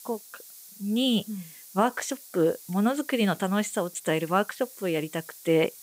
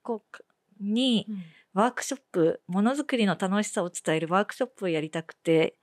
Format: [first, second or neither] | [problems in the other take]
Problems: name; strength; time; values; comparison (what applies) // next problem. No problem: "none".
second | hiss; noticeable; throughout; 15 dB below the speech